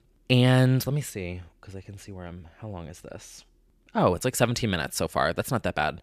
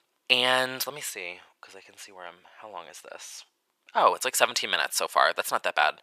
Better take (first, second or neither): first